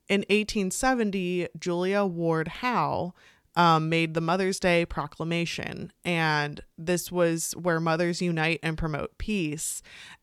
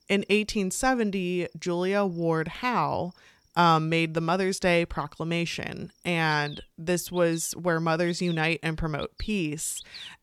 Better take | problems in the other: first | animal sounds; noticeable; throughout; 20 dB below the speech

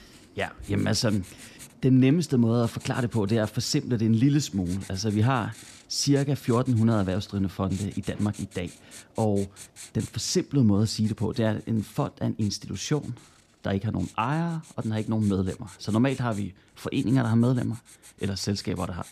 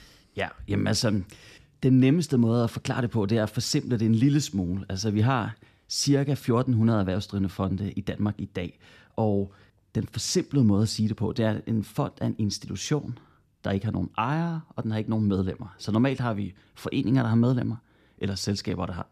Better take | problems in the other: second | household noises; faint; throughout; 20 dB below the speech

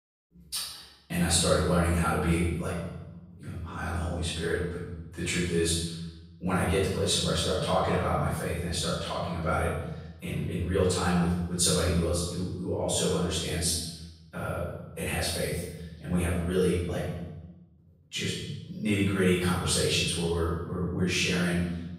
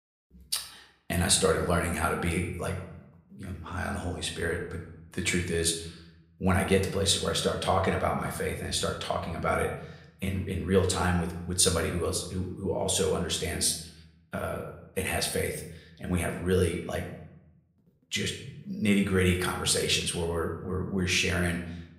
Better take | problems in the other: second | room echo; strong; dies away in 1 s; slight in the second // off-mic speech; far; somewhat distant in the second

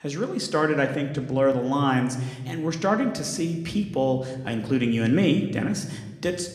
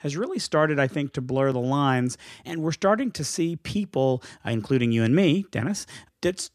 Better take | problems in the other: second | room echo; slight; dies away in 1 s

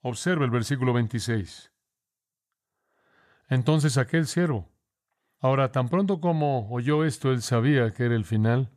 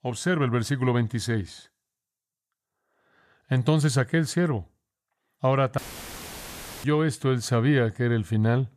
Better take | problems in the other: first | audio cutting out; filled with static; at 6 s for 1 s

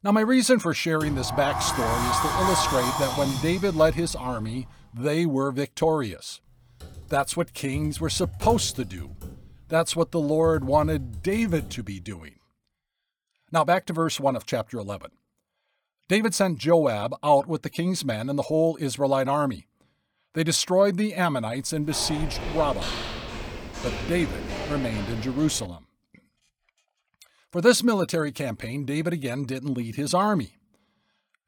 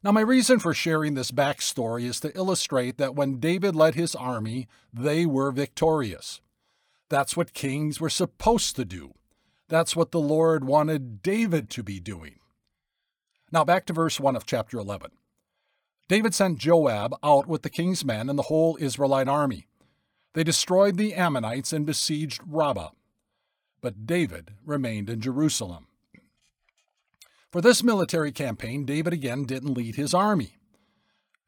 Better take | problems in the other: second | door banging; loud; from 1 to 4.5 s; peak 1 dB above the speech // keyboard typing; noticeable; from 7 to 12 s; peak 7 dB below the speech // footsteps; noticeable; from 22 to 26 s; peak 6 dB below the speech

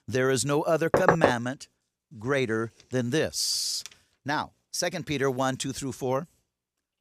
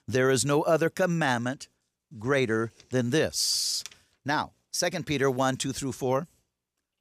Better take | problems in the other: second | door banging; loud; at 1 s; peak 6 dB above the speech

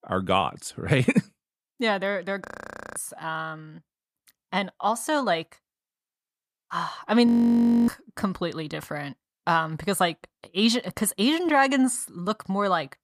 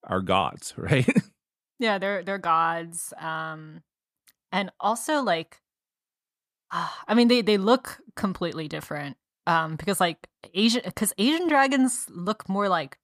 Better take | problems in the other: second | audio freezing; at 2.5 s for 0.5 s and at 7.5 s for 0.5 s

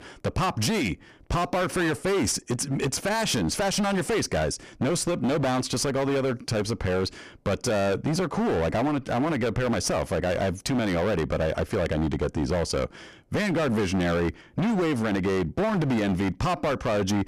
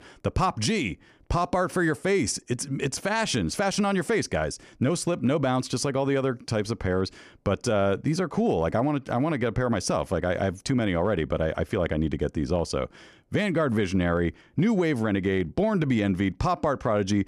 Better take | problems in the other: second | distortion; heavy; 26% of the sound clipped

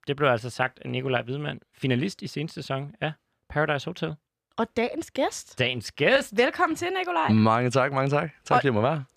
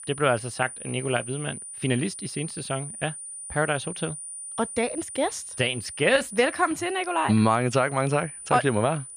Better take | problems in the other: first | high-pitched whine; noticeable; throughout; 9.5 kHz, 10 dB below the speech

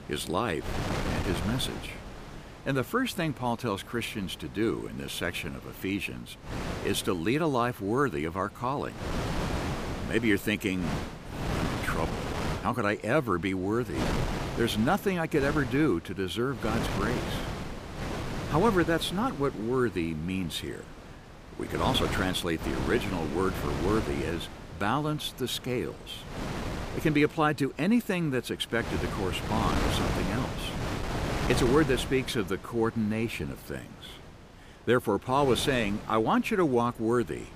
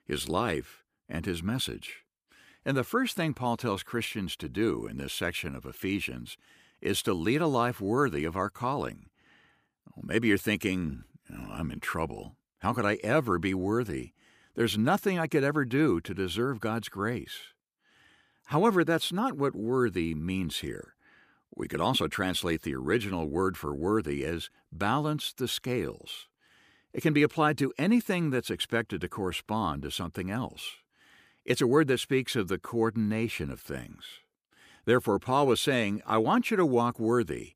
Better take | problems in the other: second | wind noise on the microphone; heavy; 7 dB below the speech

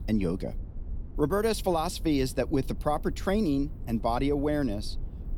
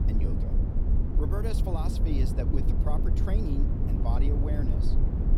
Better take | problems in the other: first | low rumble; loud; throughout; 2 dB below the speech; faint in the first

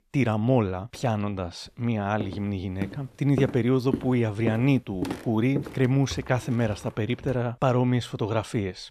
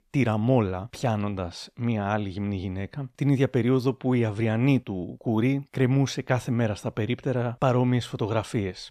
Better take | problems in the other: second | footsteps; noticeable; from 2 to 7.5 s; peak 7 dB below the speech

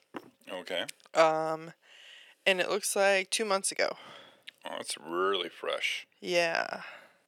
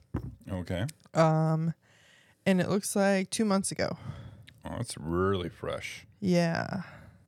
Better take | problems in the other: second | thin; very; fading below 400 Hz

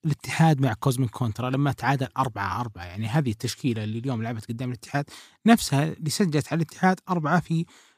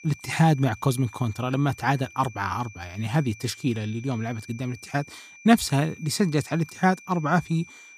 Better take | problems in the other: first | high-pitched whine; faint; throughout; 2.5 kHz, 20 dB below the speech

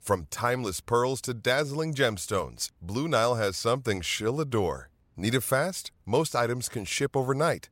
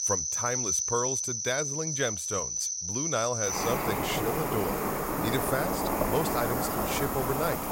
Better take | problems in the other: first | animal sounds; very loud; throughout; 3 dB above the speech

